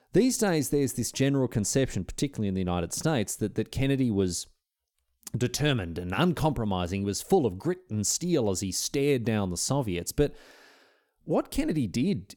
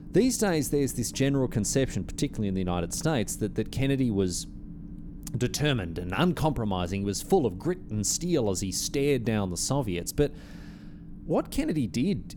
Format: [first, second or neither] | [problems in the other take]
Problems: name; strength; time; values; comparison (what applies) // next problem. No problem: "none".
first | low rumble; faint; throughout; 20 dB below the speech